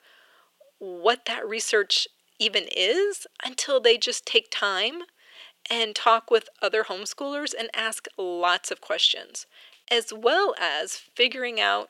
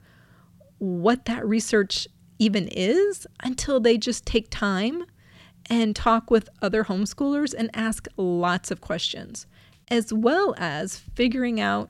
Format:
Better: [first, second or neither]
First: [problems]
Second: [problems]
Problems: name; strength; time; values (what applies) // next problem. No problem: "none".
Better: second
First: thin; very; fading below 400 Hz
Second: none